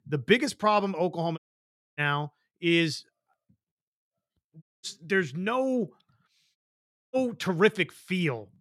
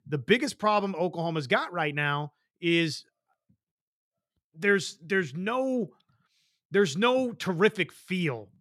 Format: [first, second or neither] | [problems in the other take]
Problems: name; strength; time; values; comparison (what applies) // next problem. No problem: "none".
second | audio cutting out; at 1.5 s for 0.5 s, at 4.5 s and at 6.5 s for 0.5 s